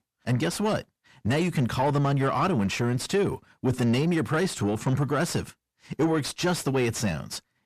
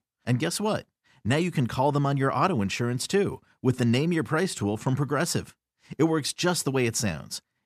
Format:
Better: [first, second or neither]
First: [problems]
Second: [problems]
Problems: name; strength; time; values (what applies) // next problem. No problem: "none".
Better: second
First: distortion; slight; 10 dB below the speech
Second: none